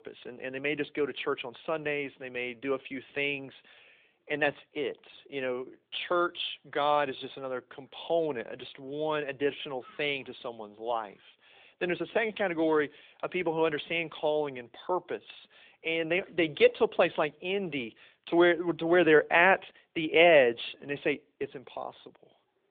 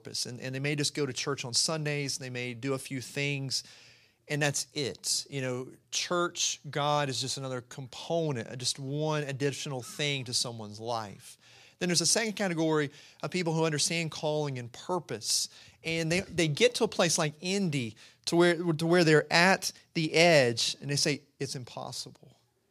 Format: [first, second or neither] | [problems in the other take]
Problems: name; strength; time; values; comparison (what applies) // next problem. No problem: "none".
second | phone-call audio; nothing above 3.5 kHz